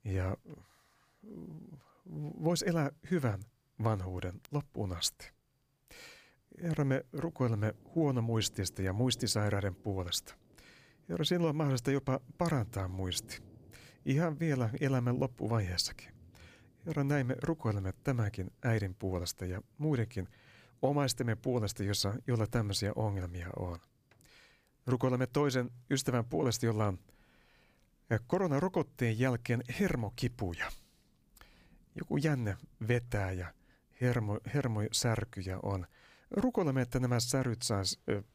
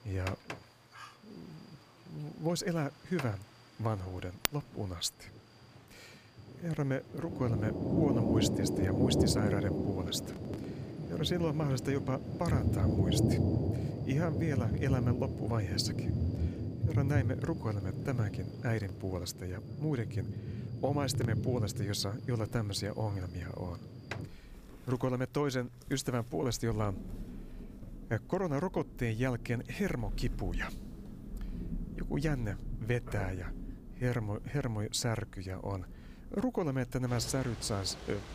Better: first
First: rain or running water; faint; throughout; 30 dB below the speech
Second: rain or running water; loud; throughout; 1 dB below the speech

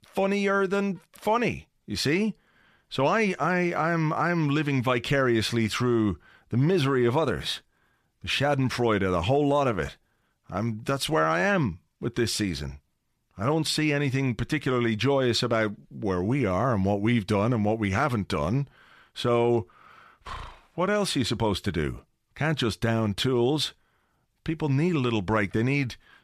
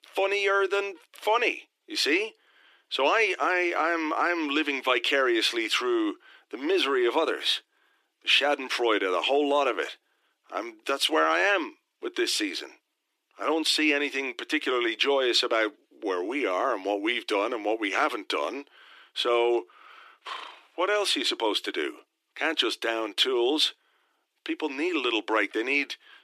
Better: first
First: none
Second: thin; somewhat; fading below 300 Hz

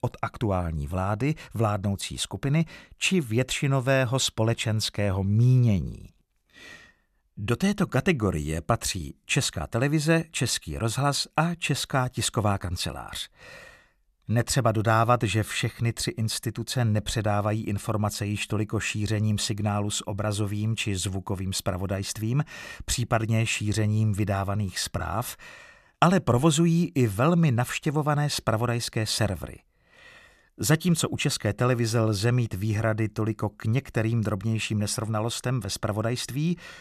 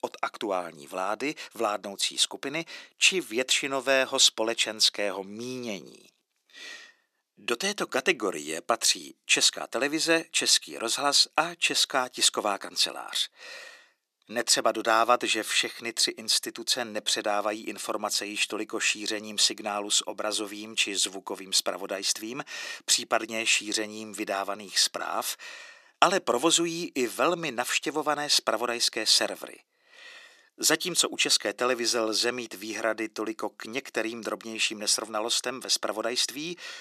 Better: first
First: none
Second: thin; very; fading below 300 Hz

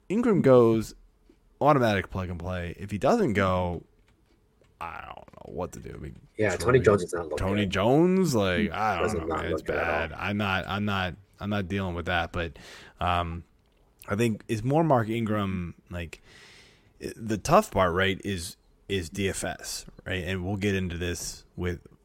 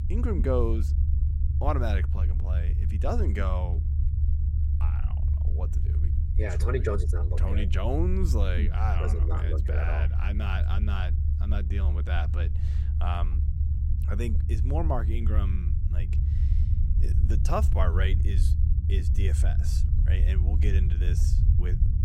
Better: first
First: none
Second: low rumble; loud; throughout; 8 dB below the speech

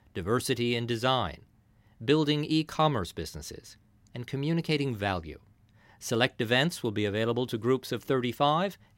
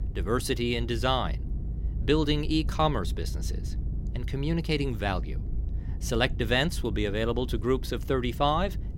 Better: first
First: none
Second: low rumble; faint; throughout; 20 dB below the speech

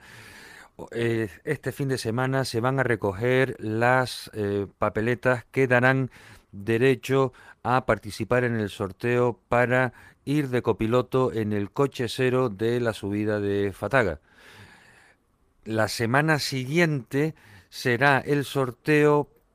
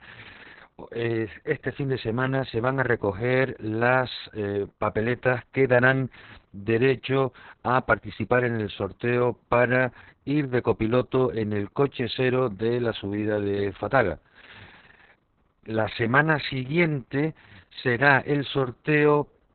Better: first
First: garbled, watery; slightly; nothing above 15 kHz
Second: garbled, watery; badly; nothing above 4 kHz

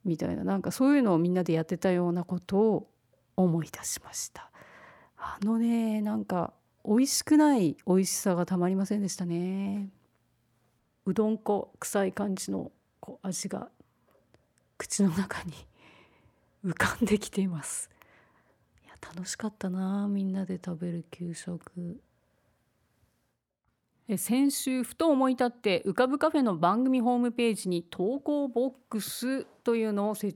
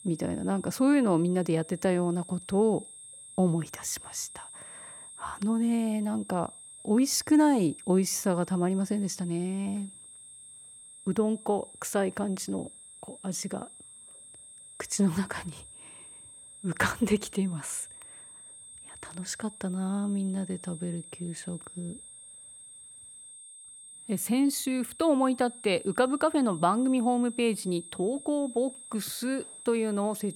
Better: first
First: none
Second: high-pitched whine; noticeable; throughout; 8.5 kHz, 15 dB below the speech

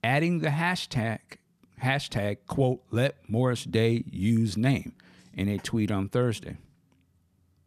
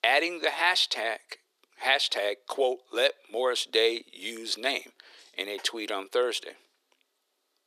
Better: first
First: none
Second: thin; very; fading below 400 Hz

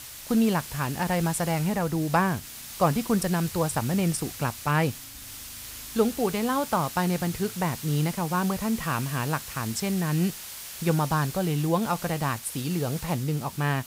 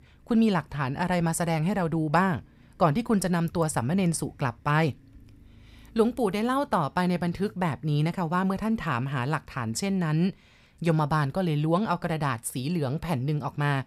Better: second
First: hiss; noticeable; throughout; 10 dB below the speech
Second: none

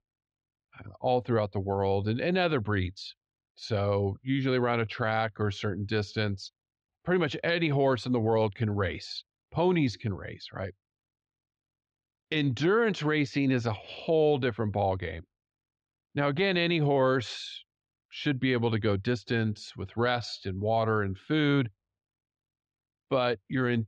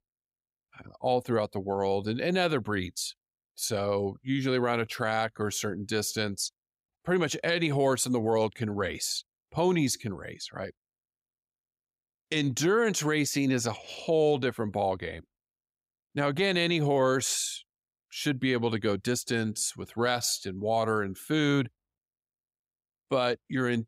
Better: second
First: muffled; slightly; fading above 4 kHz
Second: none

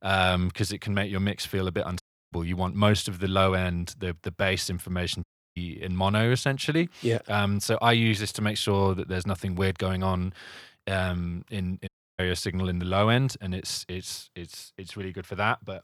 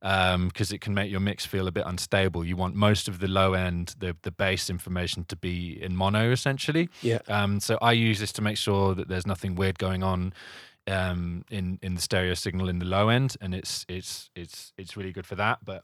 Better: second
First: audio cutting out; at 2 s, at 5 s and at 12 s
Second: none

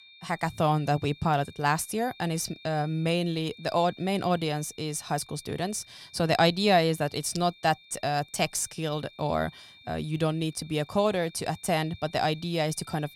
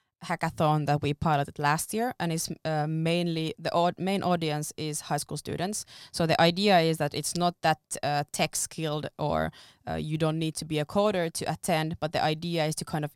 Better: second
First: high-pitched whine; faint; throughout; 3.5 kHz, 20 dB below the speech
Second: none

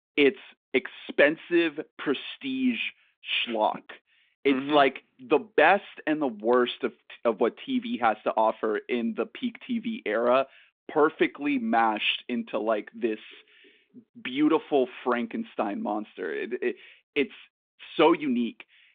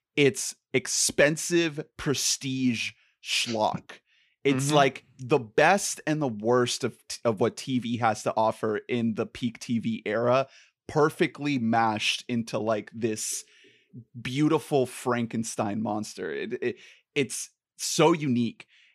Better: second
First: phone-call audio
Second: none

